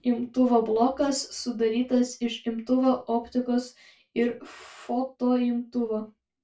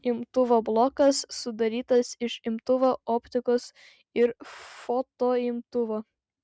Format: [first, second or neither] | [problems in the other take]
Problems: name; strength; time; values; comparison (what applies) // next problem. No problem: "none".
second | room echo; dies away in 0.2 s